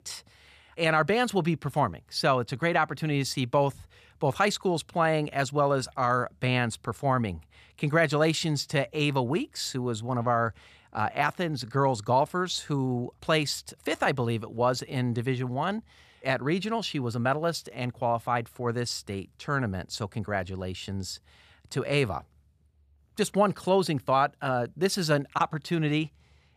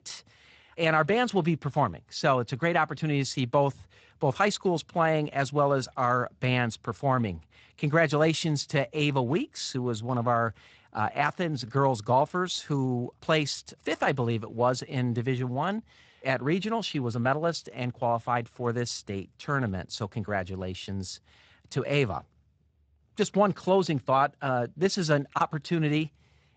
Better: first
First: none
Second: garbled, watery; slightly; nothing above 8 kHz

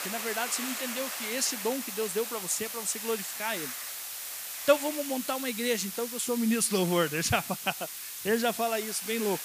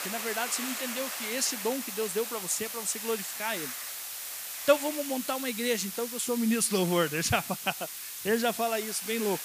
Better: neither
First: hiss; loud; throughout; 5 dB below the speech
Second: hiss; loud; throughout; 5 dB below the speech

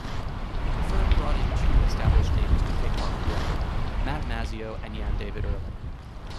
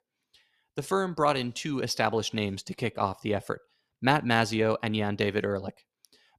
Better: second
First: wind noise on the microphone; heavy; 3 dB above the speech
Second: none

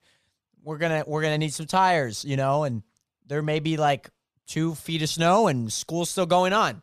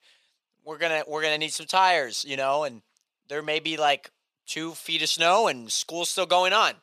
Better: first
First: none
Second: thin; very; fading below 450 Hz

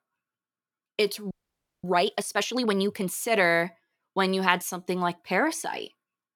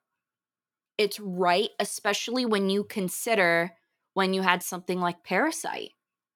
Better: second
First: audio freezing; at 1.5 s for 0.5 s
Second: none

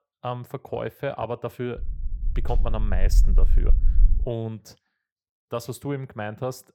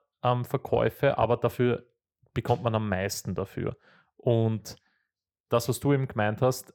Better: second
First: low rumble; noticeable; from 2 to 4 s; 15 dB below the speech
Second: none

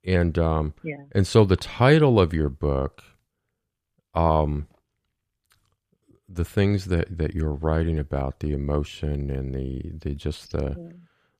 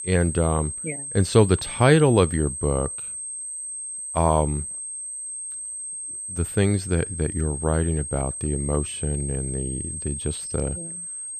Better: first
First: none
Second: high-pitched whine; loud; throughout; 8.5 kHz, 7 dB below the speech

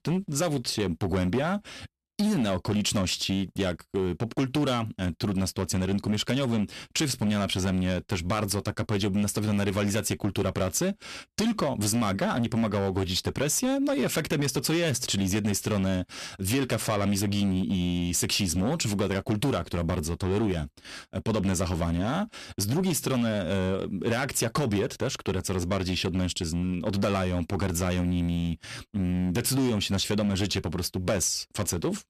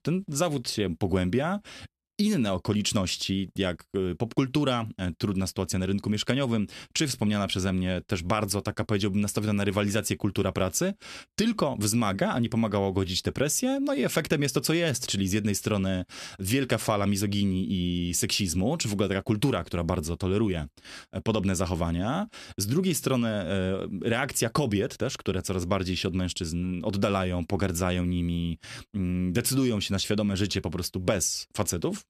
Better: second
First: distortion; slight; 11% of the sound clipped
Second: none

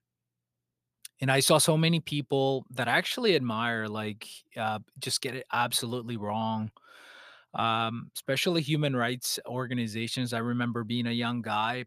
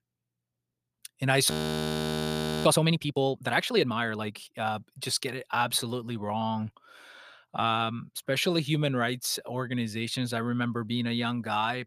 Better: first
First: none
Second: audio freezing; at 1.5 s for 1 s

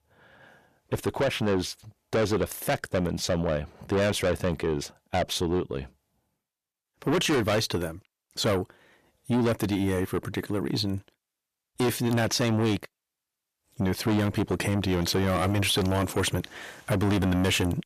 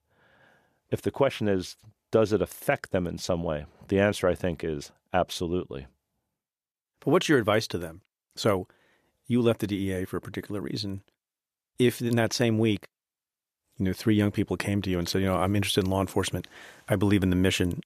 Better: second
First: distortion; heavy; 6 dB below the speech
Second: none

